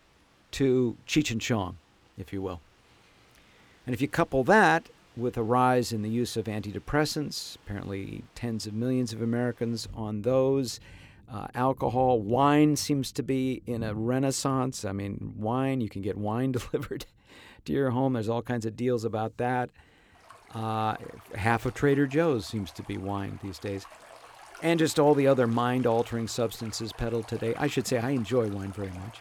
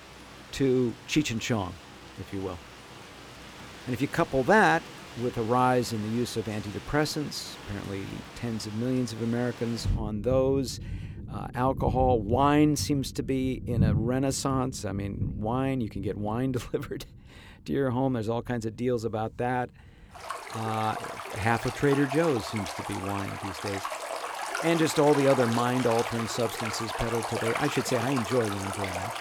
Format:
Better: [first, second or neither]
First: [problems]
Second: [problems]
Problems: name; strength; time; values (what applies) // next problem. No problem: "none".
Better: first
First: rain or running water; faint; throughout; 25 dB below the speech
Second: rain or running water; loud; throughout; 8 dB below the speech